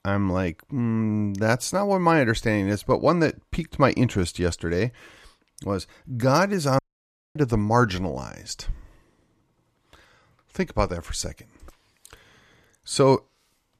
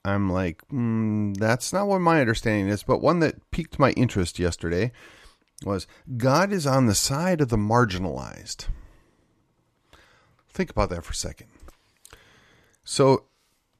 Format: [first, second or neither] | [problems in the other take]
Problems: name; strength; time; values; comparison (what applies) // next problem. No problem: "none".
second | audio cutting out; at 7 s for 0.5 s